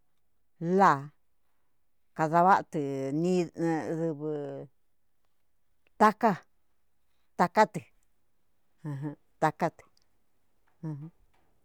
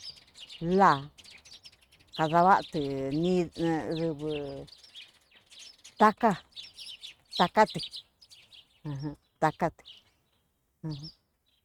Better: first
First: none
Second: noise reduction (neural mask model RNNoise)

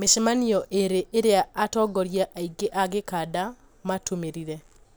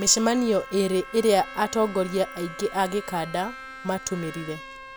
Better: first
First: none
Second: background sound (Bowed string instrument + Trumpet); 15 dB below the speech

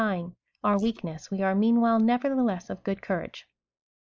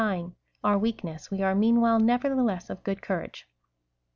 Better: second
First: noise reduction (neural mask model Resemble Enhance denoiser)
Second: none

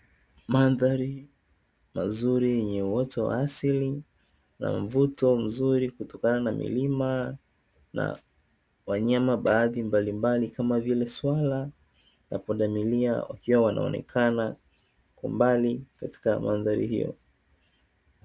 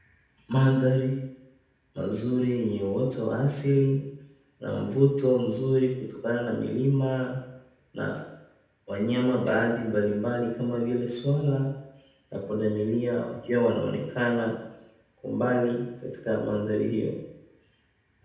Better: first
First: none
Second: room echo; dies away in 0.9 s

